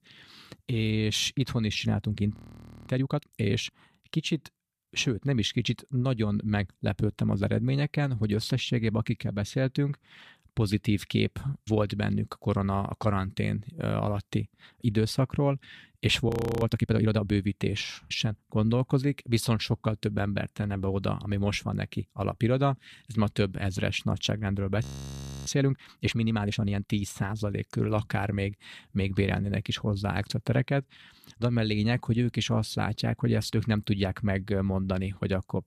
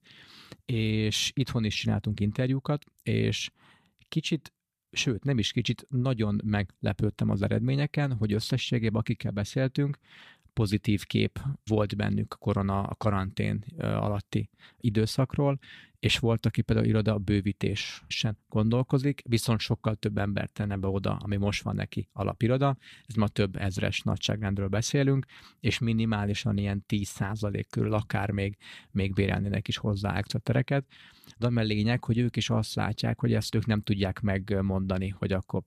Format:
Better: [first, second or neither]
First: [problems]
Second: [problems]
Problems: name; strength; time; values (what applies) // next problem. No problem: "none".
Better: second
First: audio freezing; at 2.5 s for 0.5 s, at 16 s and at 25 s for 0.5 s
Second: none